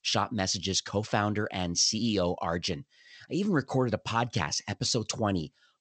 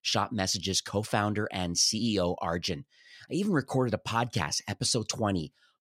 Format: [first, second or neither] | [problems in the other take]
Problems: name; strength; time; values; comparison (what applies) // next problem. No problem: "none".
second | garbled, watery; slightly